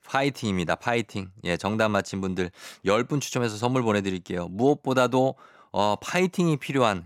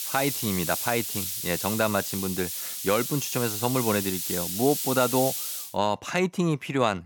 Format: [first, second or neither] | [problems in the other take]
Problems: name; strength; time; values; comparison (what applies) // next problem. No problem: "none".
first | hiss; loud; until 5.5 s; 2 dB below the speech